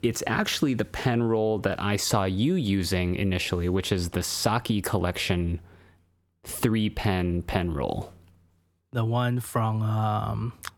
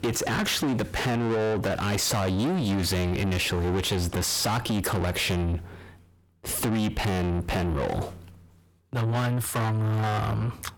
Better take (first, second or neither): first